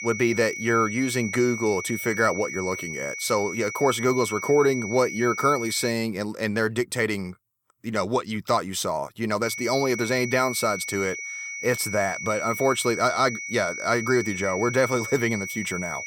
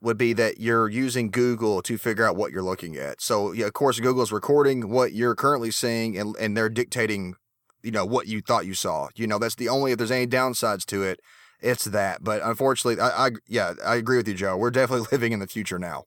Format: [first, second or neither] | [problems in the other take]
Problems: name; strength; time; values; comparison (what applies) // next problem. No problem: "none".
second | high-pitched whine; loud; until 6 s and from 9.5 s on; 2 kHz, 7 dB below the speech